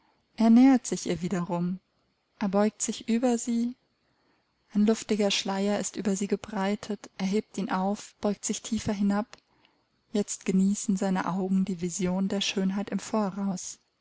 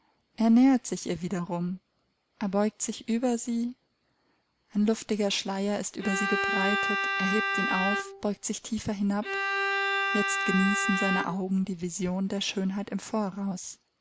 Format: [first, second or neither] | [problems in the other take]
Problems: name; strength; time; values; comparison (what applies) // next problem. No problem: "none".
first | background sound (Bowed string instrument); 1 dB below the speech